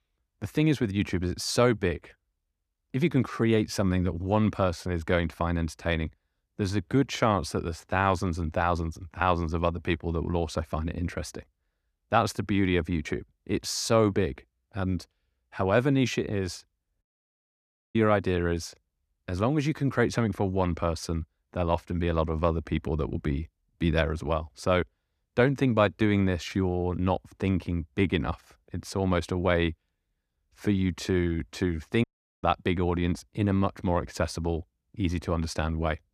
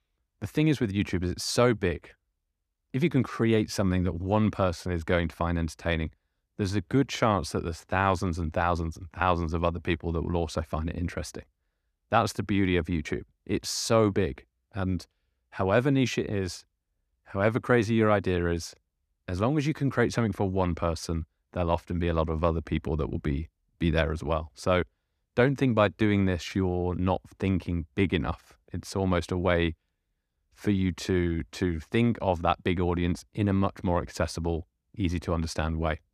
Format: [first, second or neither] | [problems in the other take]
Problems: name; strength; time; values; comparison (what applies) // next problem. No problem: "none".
second | audio cutting out; at 17 s for 1 s and at 32 s